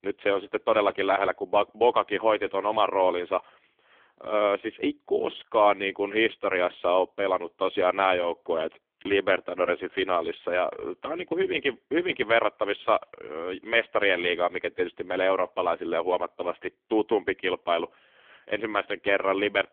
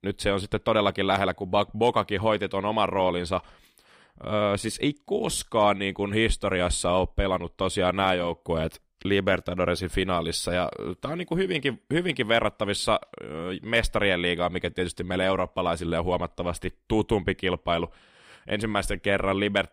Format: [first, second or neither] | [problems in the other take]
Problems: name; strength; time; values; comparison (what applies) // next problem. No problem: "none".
second | phone-call audio; poor line; nothing above 3.5 kHz